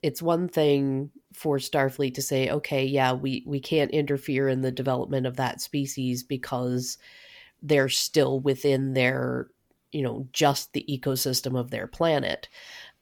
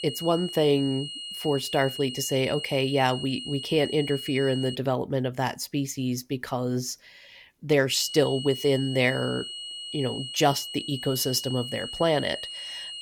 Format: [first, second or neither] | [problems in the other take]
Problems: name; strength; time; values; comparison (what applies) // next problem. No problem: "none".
first | high-pitched whine; loud; until 5 s and from 8 s on; 3 kHz, 8 dB below the speech